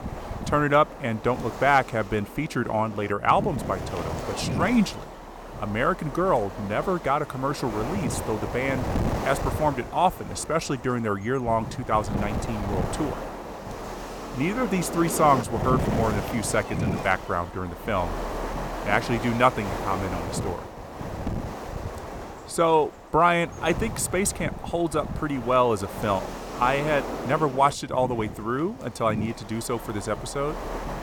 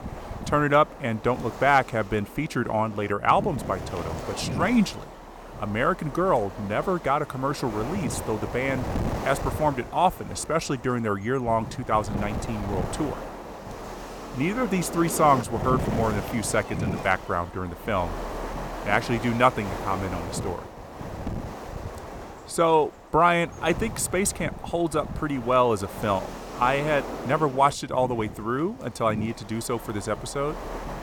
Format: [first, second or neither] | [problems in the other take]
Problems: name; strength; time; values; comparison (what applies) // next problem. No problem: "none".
second | wind noise on the microphone; heavy; 10 dB below the speech; occasional gusts in the second